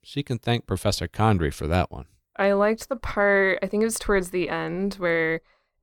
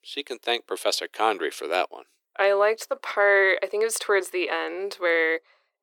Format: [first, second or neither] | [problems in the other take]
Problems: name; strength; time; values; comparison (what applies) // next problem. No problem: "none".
first | thin; very; fading below 350 Hz